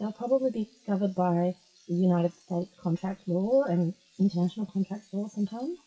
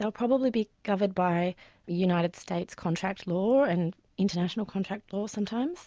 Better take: second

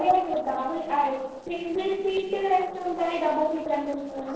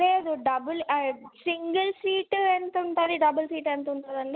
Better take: second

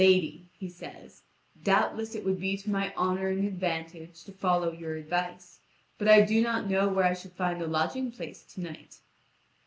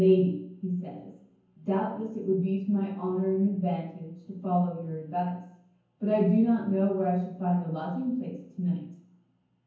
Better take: first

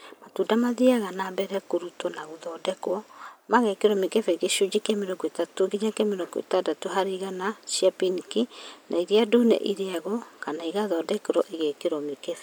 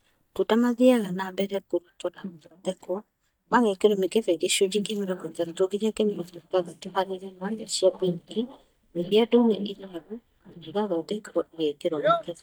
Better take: first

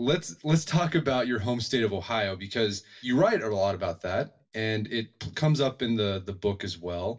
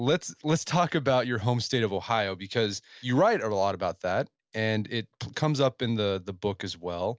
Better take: second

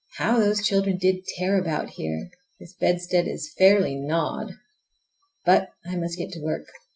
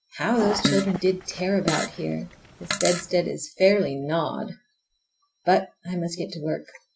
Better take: first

